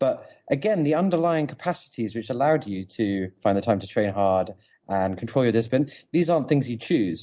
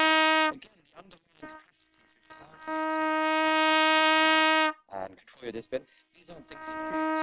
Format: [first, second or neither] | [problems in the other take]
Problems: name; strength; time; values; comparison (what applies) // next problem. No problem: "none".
first | noise reduction (neural separator model SepFormer WHAM!)